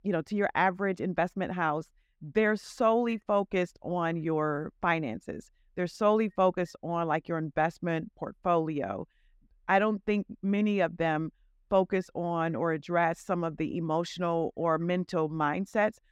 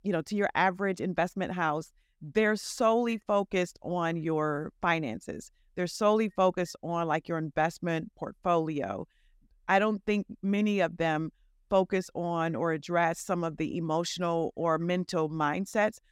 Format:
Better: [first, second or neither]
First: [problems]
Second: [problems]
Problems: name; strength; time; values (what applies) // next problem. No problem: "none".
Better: second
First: muffled; slightly; fading above 4 kHz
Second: none